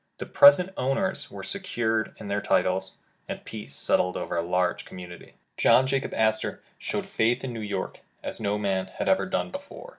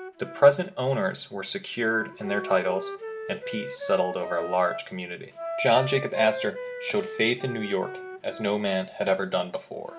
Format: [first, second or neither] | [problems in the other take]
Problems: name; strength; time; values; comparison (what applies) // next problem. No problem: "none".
first | background sound (Wind instrument, woodwind instrument); 11 dB below the speech // room echo; dies away in 0.4 s